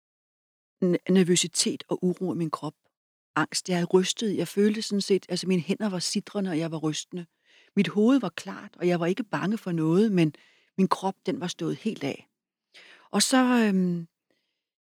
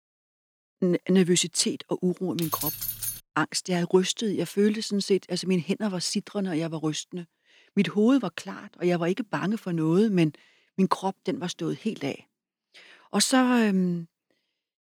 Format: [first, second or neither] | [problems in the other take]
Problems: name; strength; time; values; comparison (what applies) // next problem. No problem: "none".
first | jangling keys; noticeable; at 2.5 s; peak 3 dB below the speech